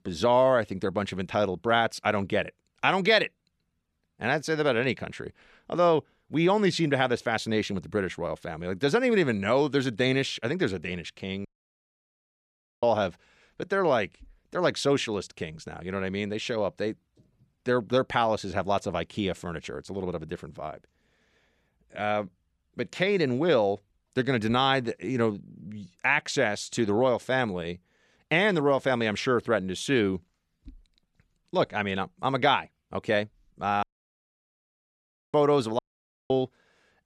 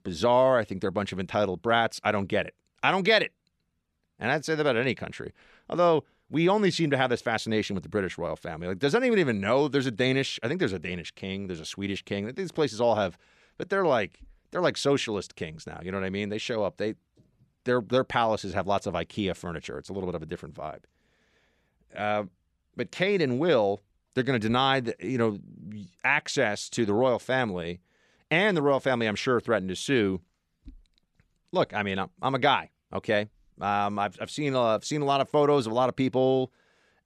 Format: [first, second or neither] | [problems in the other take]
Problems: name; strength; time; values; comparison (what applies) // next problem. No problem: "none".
second | audio cutting out; at 11 s for 1.5 s, at 34 s for 1.5 s and at 36 s for 0.5 s